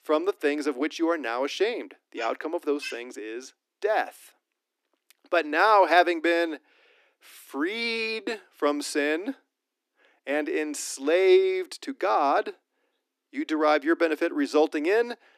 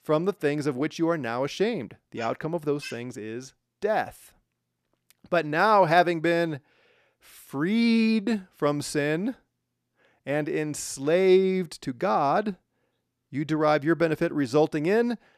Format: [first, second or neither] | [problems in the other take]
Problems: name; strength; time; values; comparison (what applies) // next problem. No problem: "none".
second | thin; very slightly; fading below 250 Hz